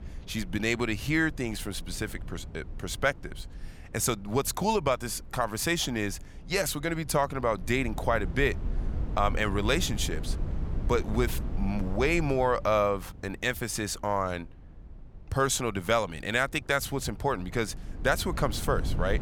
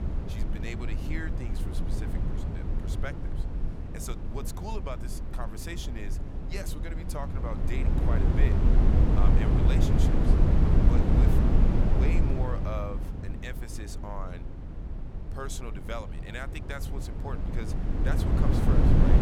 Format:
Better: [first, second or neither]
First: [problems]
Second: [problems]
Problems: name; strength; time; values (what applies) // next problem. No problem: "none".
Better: first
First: wind noise on the microphone; occasional gusts; 20 dB below the speech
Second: wind noise on the microphone; heavy; 3 dB above the speech